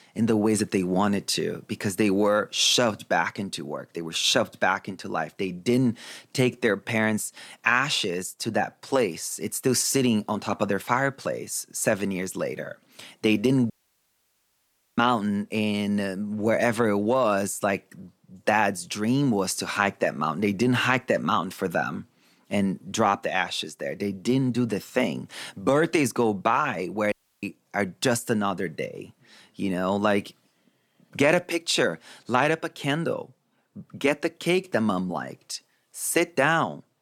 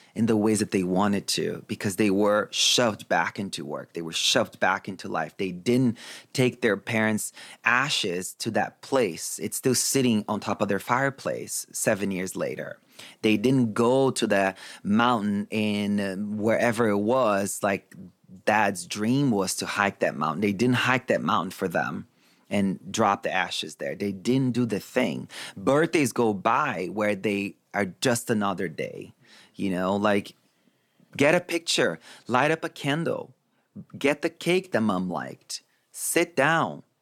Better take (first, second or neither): second